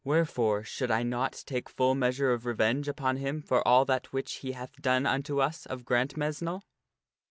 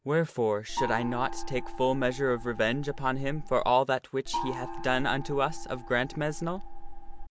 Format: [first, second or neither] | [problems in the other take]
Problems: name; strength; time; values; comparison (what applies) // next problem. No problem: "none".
first | background sound (Gong); 6 dB below the speech